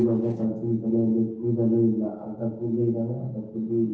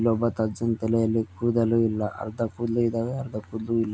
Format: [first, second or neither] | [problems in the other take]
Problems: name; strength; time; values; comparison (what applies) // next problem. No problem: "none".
second | noise reduction (neural separator model SepFormer DNS4)